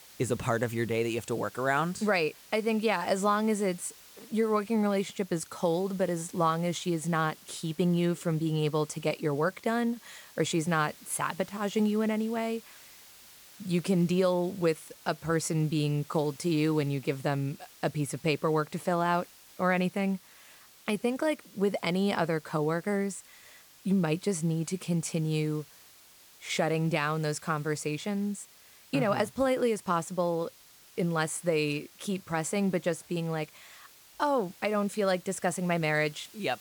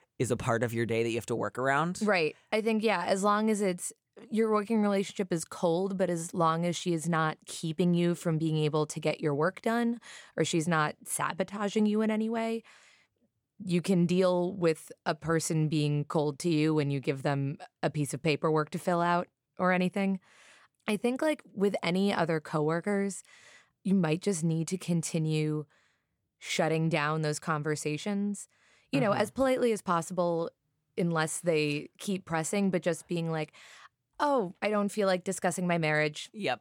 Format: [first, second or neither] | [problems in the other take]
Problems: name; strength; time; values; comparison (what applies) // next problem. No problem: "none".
second | hiss; faint; throughout; 20 dB below the speech